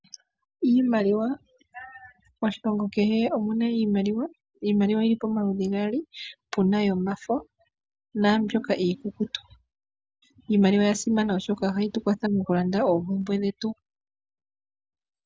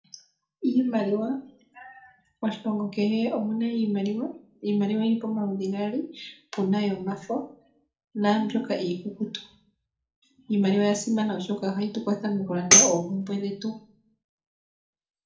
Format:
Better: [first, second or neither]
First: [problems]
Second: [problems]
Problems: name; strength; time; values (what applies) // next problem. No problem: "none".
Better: first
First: none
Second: background sound (Tambourine); 5 dB above the speech // room echo; dies away in 0.4 s